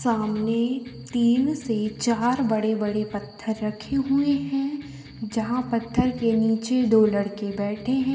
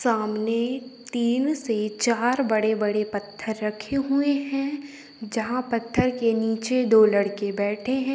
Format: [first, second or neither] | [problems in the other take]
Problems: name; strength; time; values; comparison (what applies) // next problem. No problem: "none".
second | background sound (Electric guitar); 18 dB below the speech // room echo; dies away in 1.9 s